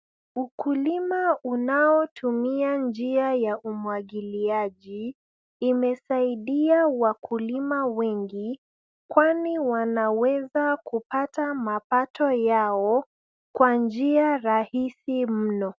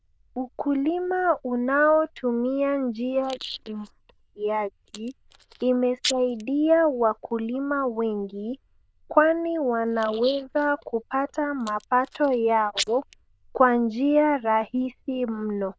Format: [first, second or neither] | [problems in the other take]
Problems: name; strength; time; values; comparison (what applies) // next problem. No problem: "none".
first | noise reduction (neural diffusion model UNIVERSE++)